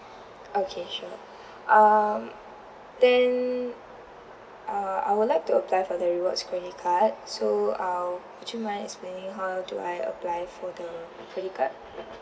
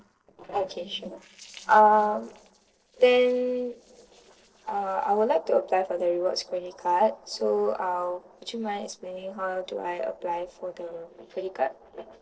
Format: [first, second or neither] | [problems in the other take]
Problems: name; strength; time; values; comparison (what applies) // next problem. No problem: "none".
first | noise reduction (neural separator model SepFormer DNS4)